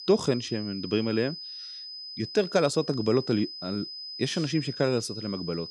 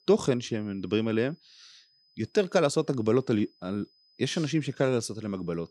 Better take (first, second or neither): second